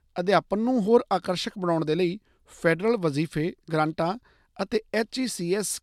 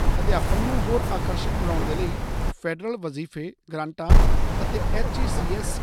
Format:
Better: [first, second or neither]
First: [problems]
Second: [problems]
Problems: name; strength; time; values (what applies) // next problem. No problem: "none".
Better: first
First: none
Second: wind noise on the microphone; heavy; until 2.5 s and from 4 s on; 1 dB above the speech